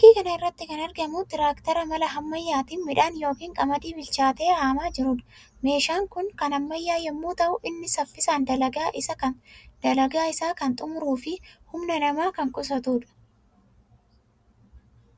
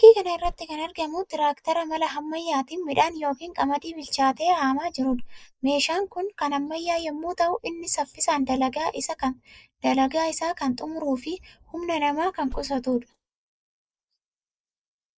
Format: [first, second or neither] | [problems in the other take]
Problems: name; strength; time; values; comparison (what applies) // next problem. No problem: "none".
first | noise reduction (neural mask model Resemble Enhance denoiser)